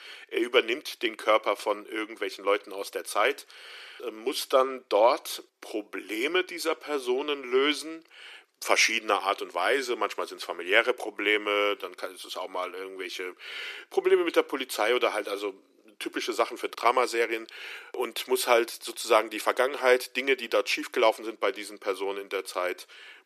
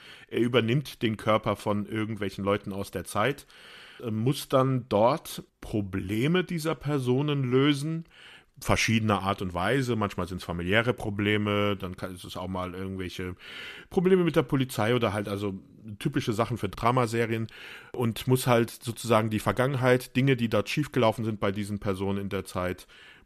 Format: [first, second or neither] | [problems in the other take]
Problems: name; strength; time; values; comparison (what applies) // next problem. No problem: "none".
second | thin; very; fading below 350 Hz